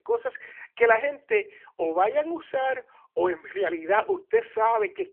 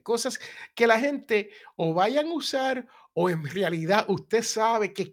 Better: second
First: phone-call audio; nothing above 3 kHz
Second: none

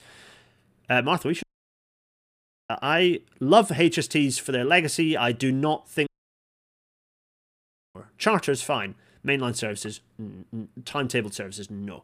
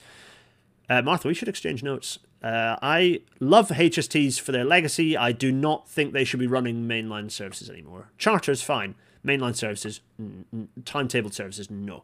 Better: second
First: audio cutting out; at 1.5 s for 1.5 s and at 6 s for 2 s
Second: none

